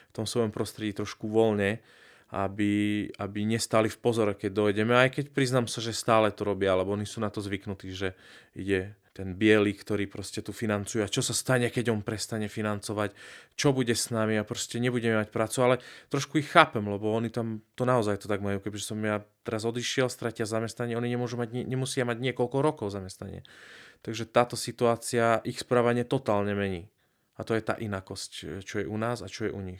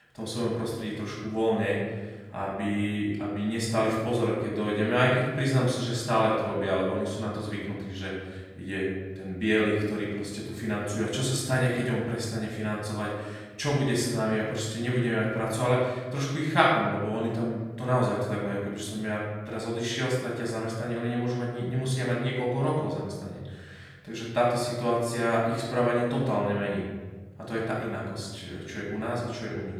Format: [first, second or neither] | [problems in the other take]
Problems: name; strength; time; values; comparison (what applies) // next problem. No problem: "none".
first | off-mic speech; far // room echo; noticeable; dies away in 1.3 s